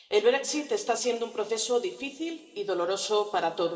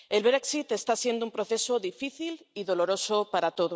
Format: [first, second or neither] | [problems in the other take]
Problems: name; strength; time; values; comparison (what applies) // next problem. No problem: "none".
second | room echo; dies away in 2.8 s